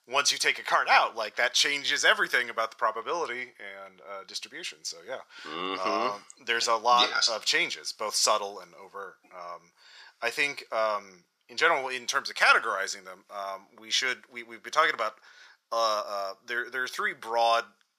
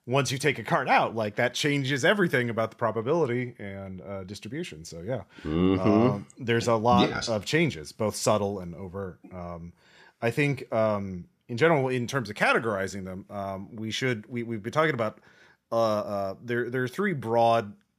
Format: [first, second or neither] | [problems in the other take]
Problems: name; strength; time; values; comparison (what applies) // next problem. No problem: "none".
second | thin; very; fading below 750 Hz